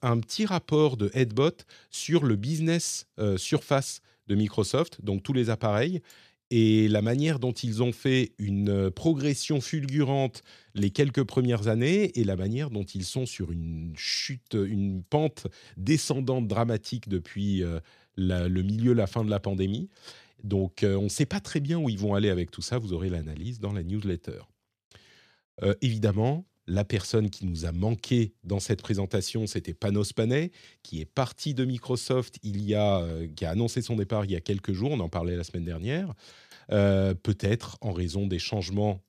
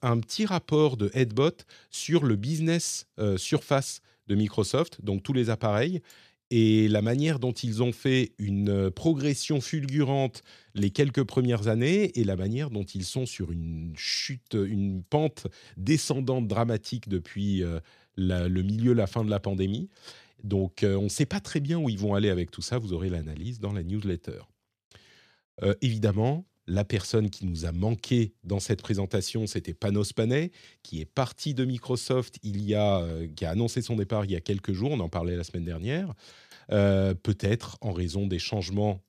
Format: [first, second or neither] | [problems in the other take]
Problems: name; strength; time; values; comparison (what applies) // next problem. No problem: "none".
neither | none